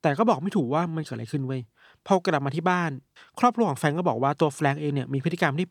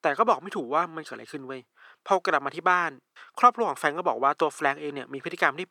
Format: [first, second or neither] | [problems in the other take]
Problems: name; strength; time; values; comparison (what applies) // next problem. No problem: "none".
first | thin; very; fading below 450 Hz